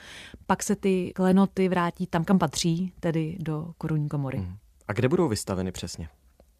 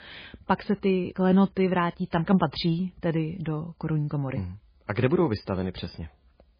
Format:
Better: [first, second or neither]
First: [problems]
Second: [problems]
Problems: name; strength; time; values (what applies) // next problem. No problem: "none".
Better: first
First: none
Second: garbled, watery; badly; nothing above 11.5 kHz